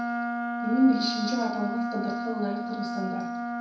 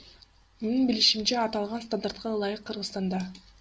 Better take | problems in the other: second | background sound (Wind instrument, woodwind instrument); 2 dB below the speech // room echo; dies away in 0.6 s

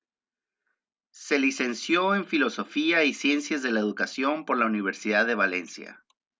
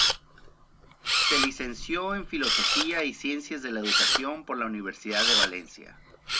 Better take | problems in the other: first | background sound (Camera); 4 dB above the speech

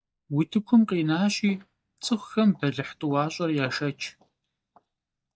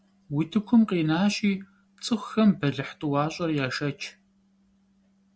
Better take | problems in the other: second | noise reduction (neural mask model DeepFilterNet 3)

